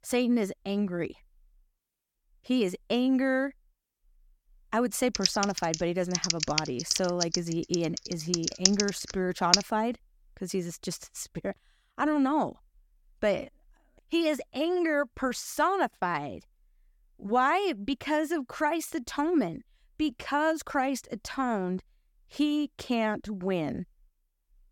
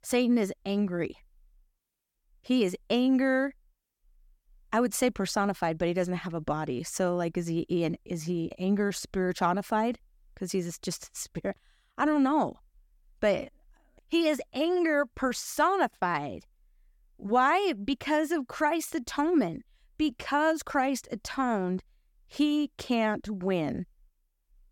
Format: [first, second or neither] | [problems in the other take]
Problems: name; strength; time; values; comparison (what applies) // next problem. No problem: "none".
second | keyboard typing; loud; from 5 to 9.5 s; peak 5 dB above the speech